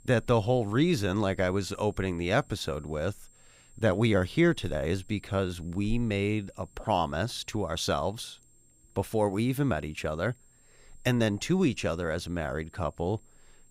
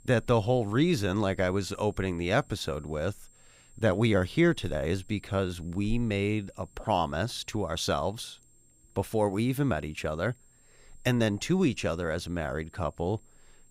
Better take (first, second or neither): neither